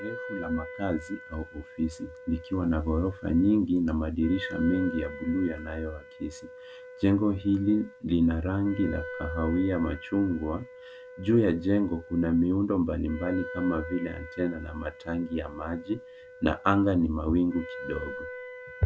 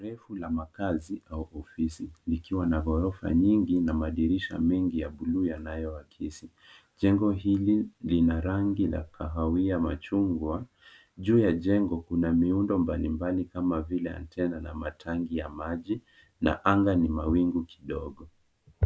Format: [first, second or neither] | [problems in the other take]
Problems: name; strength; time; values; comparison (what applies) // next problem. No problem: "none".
second | background sound (Wind instrument, woodwind instrument); 14 dB below the speech